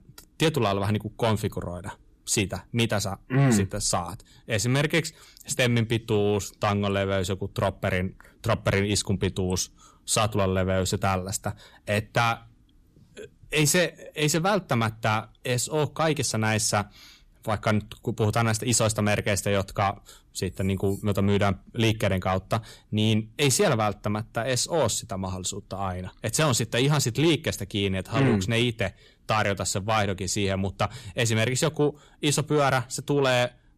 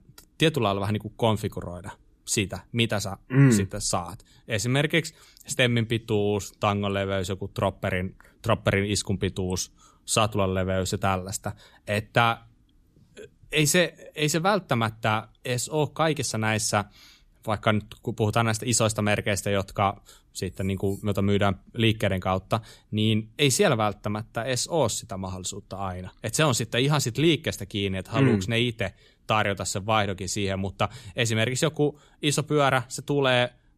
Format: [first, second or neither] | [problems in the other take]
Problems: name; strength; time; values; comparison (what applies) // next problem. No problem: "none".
second | distortion; slight; 10 dB below the speech